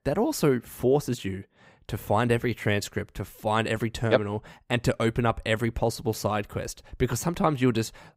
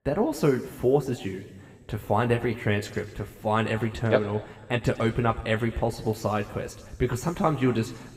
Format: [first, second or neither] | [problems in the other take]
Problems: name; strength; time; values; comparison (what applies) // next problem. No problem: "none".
first | room echo; slight; dies away in 2.7 s